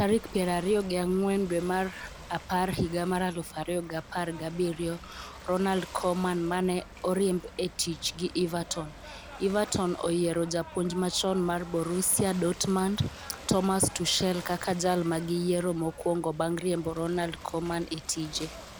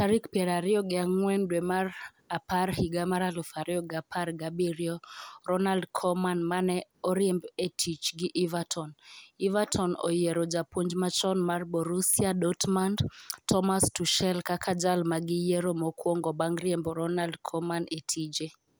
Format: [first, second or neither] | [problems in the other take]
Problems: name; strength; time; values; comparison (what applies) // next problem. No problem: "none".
second | background sound (Ocean / Boat, Water vehicle); 16 dB below the speech